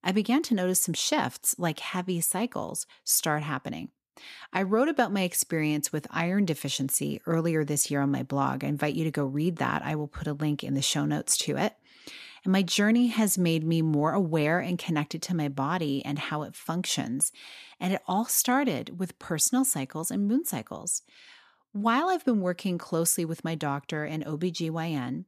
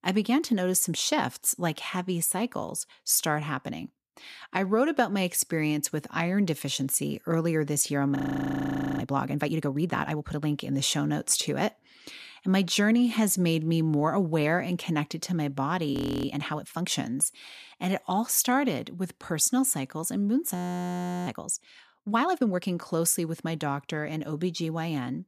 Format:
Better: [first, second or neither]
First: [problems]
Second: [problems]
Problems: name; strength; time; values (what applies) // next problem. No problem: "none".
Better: first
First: none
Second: audio freezing; at 8 s for 1 s, at 16 s and at 21 s for 0.5 s